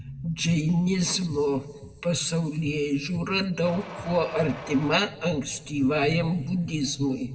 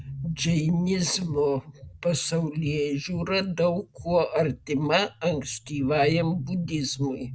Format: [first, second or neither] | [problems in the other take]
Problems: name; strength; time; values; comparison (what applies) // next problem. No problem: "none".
second | background sound (Mechanisms); 13 dB below the speech // room echo; dies away in 1.4 s